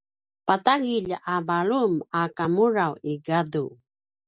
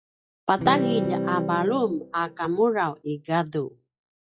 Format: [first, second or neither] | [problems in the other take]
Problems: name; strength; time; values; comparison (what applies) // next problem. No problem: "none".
first | noise reduction (classical method log-MMSE)